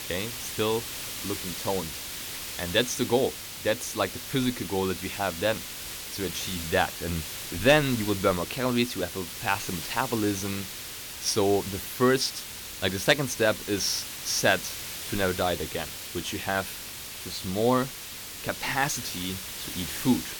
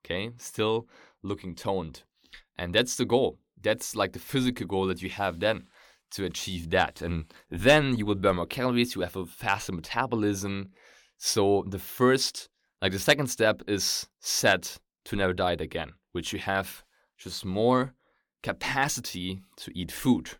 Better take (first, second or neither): second